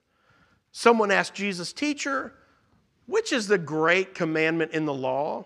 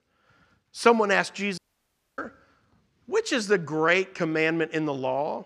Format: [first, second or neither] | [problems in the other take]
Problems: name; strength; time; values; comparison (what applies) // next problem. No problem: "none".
first | audio cutting out; at 1.5 s for 0.5 s